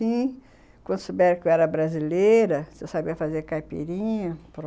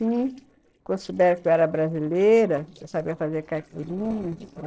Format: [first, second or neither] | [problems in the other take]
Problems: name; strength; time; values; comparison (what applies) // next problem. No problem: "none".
first | noise reduction (neural separator model SepFormer DNS4)